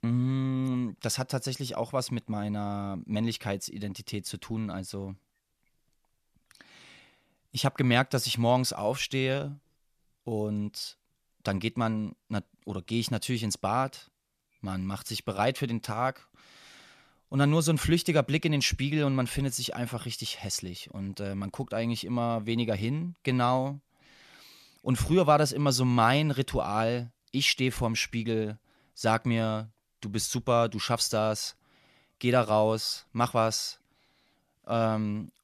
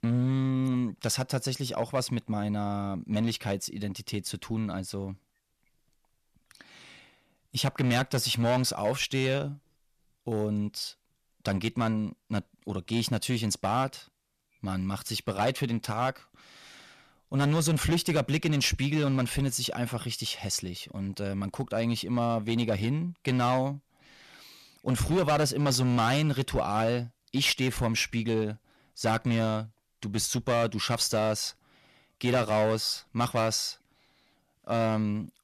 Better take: first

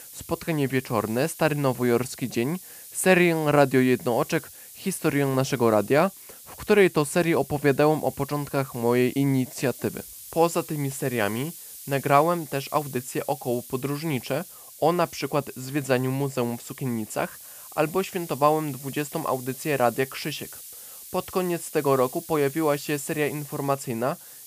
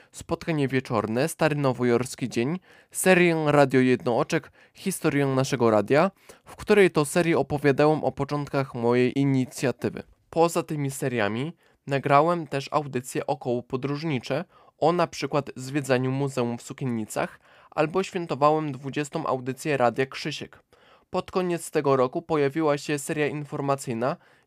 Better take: second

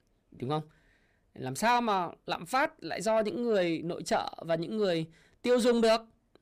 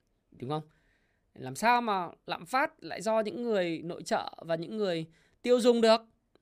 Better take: second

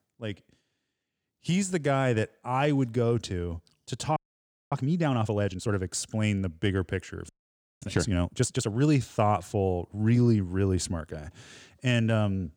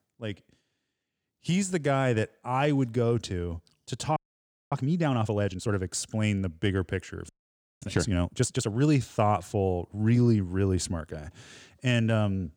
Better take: neither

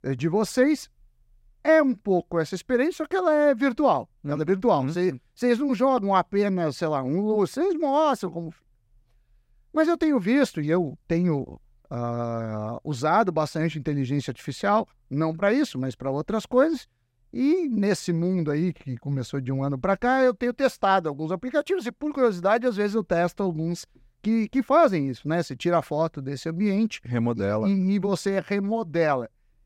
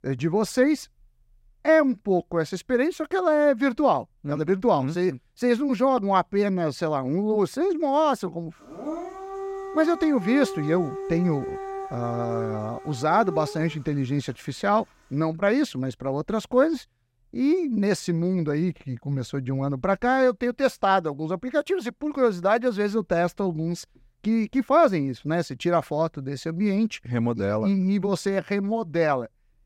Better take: first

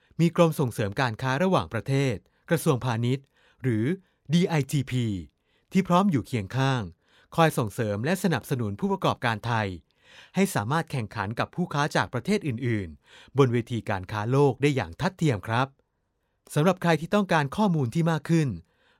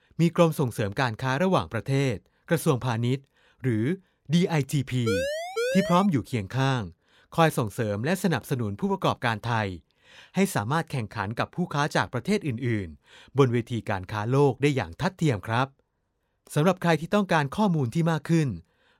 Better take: first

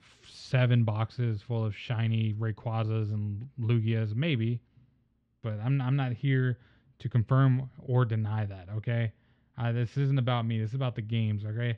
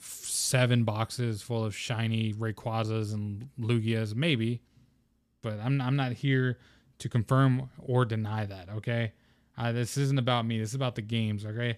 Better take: second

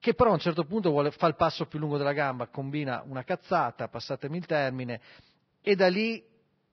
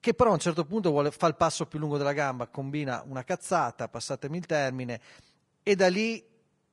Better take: second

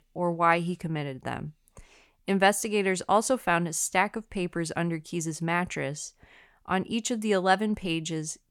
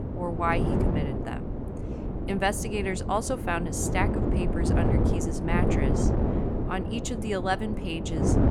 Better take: first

